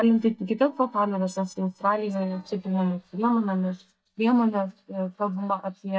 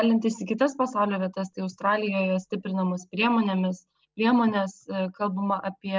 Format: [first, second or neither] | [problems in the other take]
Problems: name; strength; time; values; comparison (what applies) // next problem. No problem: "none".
second | noise reduction (neural mask model DeepFilterNet 3)